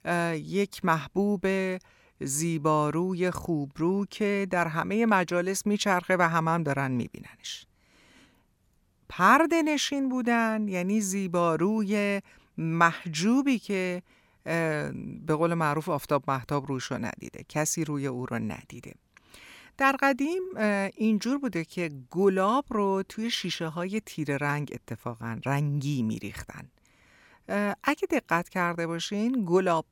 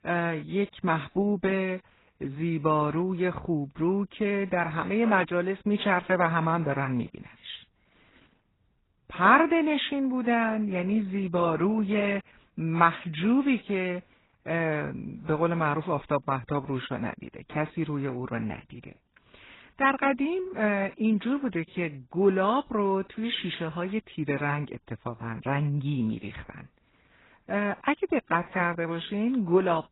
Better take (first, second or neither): first